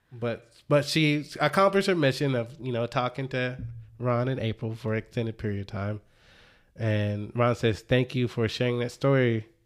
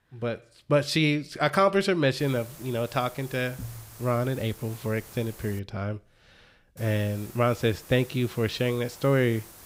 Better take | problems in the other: first | hiss; noticeable; from 2 to 5.5 s and from 7 s on; 20 dB below the speech

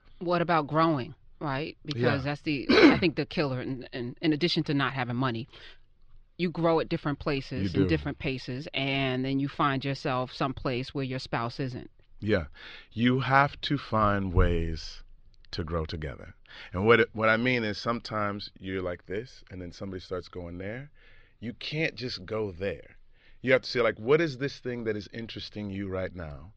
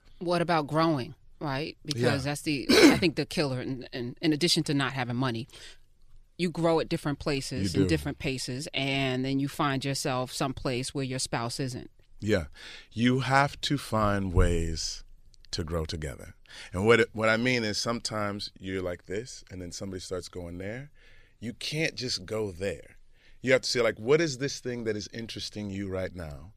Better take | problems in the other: second | muffled; very slightly; fading above 4 kHz

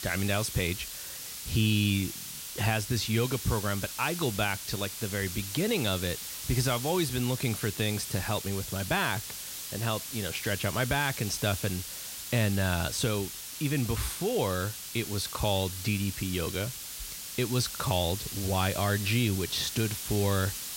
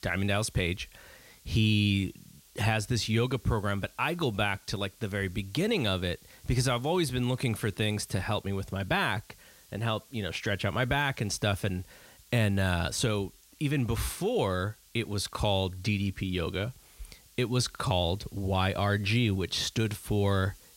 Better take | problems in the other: second | hiss; loud; throughout; 6 dB below the speech; faint in the second

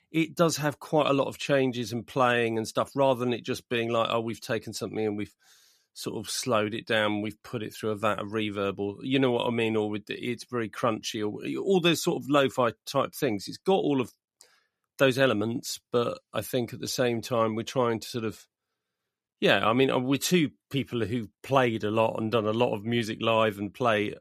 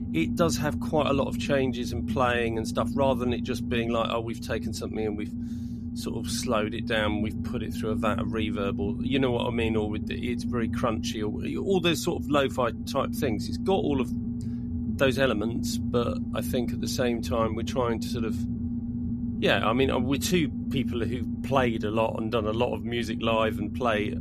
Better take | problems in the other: first | low rumble; noticeable; throughout; 10 dB below the speech

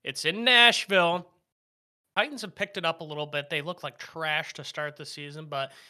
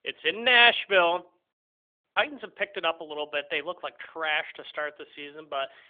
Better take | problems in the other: first | phone-call audio; nothing above 3.5 kHz

